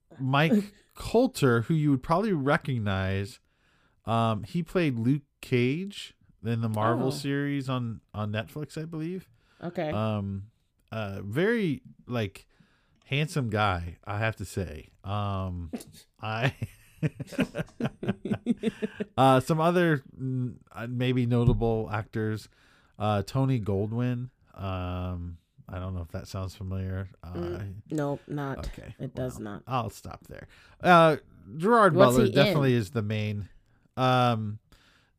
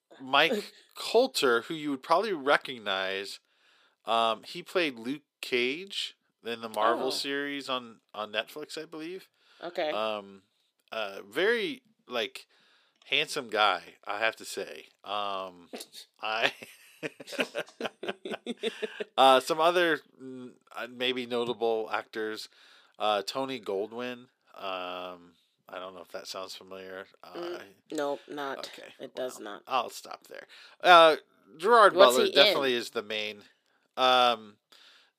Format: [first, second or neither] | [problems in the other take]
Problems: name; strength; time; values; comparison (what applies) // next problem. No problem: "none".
first | thin; very; fading below 400 Hz